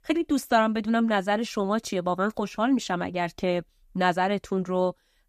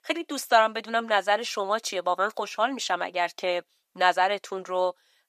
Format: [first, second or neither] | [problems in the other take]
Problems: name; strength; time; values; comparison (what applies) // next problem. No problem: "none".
first | thin; very; fading below 600 Hz